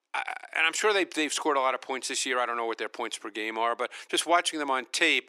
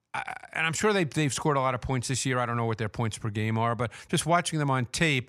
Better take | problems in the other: second | thin; very; fading below 300 Hz

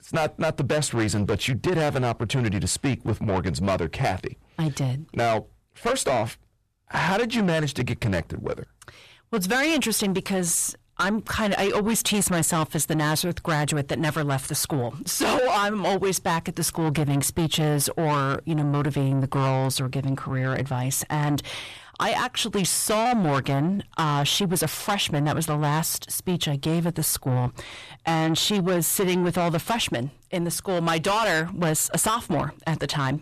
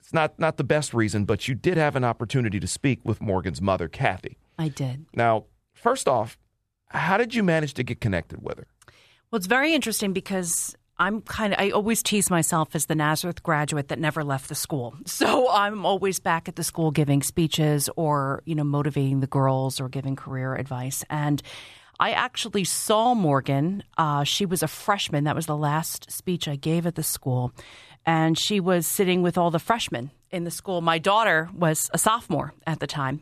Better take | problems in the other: second | distortion; heavy; 7 dB below the speech

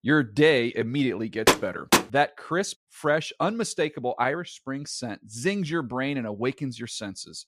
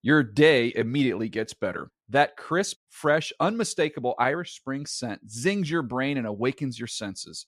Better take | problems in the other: second | door banging; loud; at 1.5 s; peak 5 dB above the speech

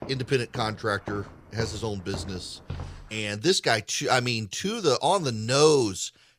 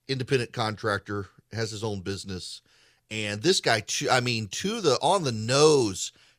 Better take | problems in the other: second | footsteps; faint; until 3 s; peak 15 dB below the speech

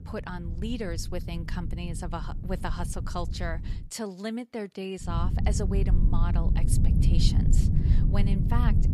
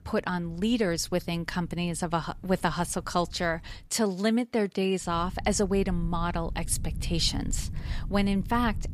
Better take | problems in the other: second | low rumble; loud; until 4 s and from 5 s on; 5 dB below the speech; faint in the second

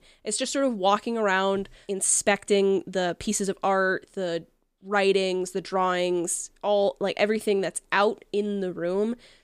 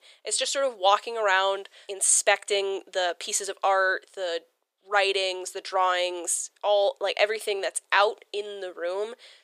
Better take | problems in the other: first | thin; very; fading below 500 Hz

